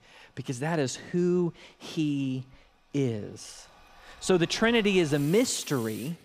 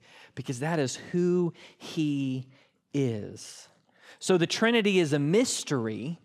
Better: second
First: household noises; noticeable; throughout; 20 dB below the speech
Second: none

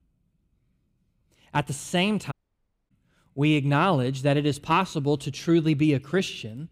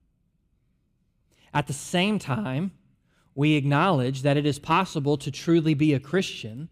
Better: second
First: audio cutting out; at 2.5 s for 0.5 s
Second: none

